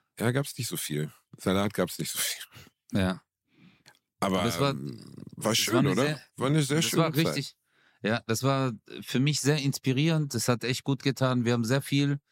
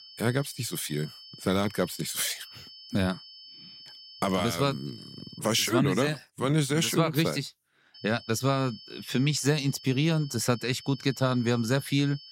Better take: first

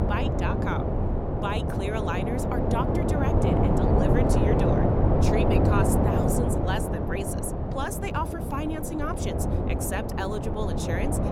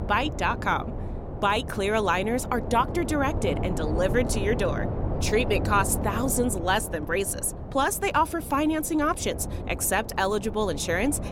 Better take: second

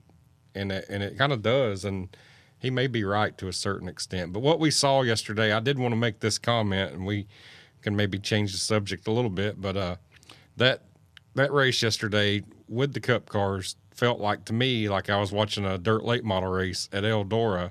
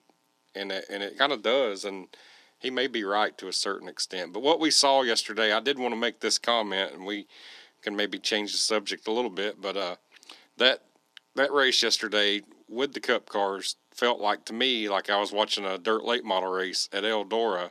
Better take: first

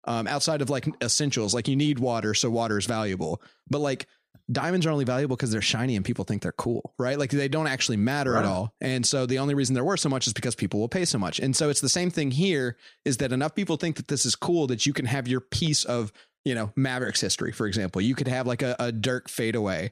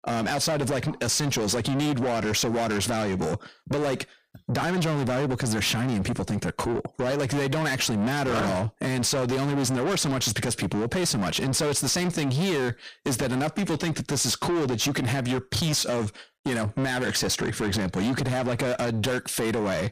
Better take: first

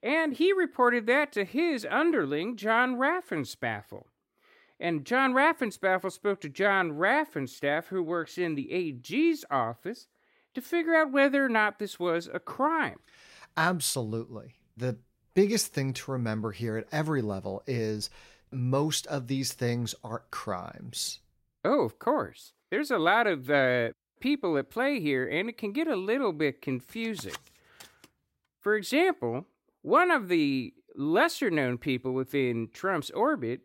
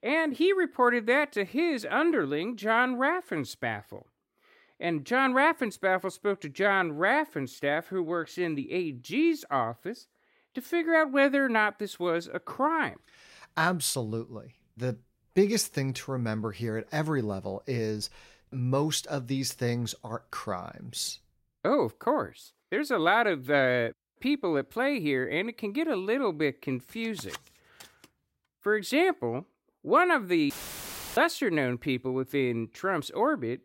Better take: first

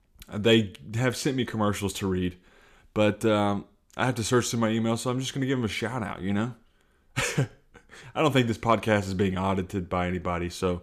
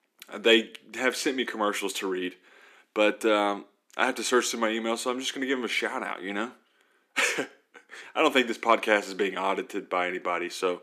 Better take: first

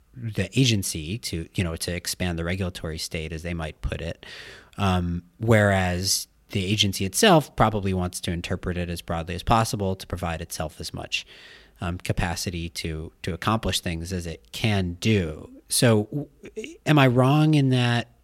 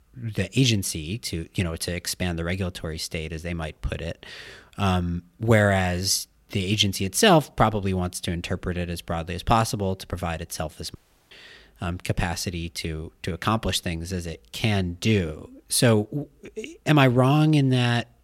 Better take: first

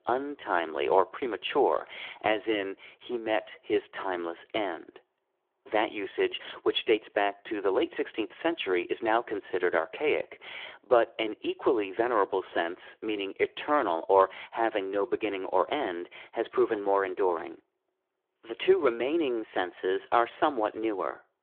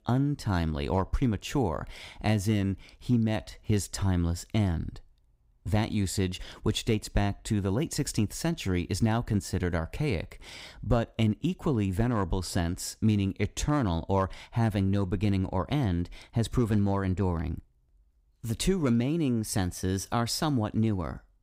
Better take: second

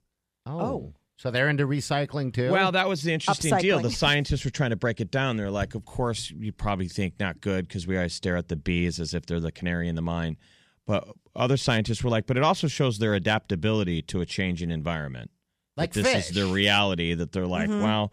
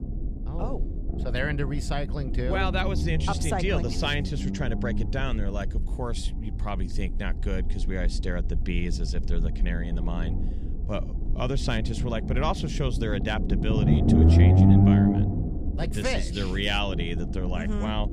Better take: first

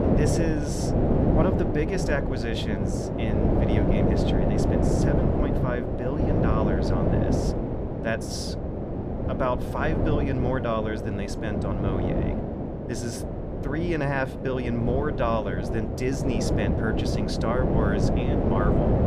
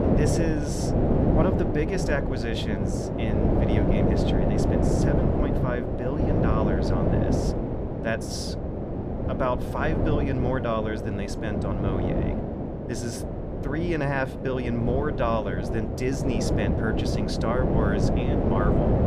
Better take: neither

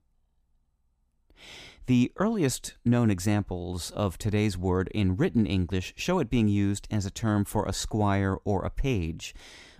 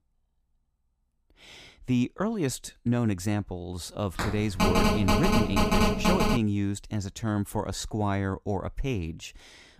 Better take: first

